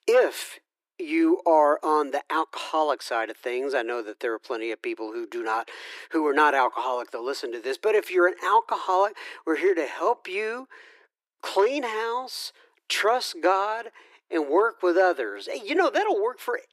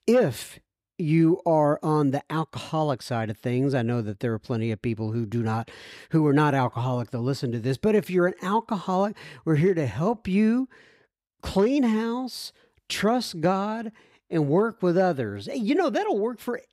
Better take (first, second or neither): second